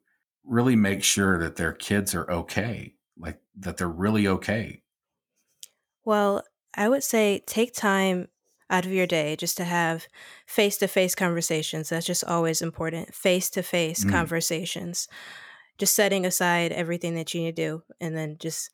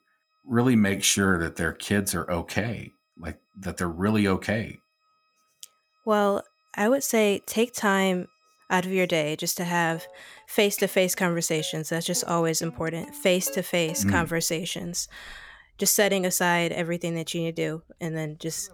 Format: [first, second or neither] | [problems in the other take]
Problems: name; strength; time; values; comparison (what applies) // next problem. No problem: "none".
first | background music; faint; throughout; 20 dB below the speech